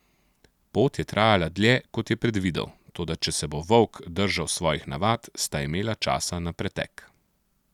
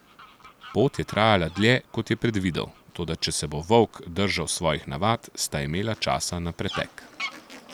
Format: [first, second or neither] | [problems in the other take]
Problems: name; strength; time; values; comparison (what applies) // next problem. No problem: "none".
first | background sound (Fowl); 18 dB below the speech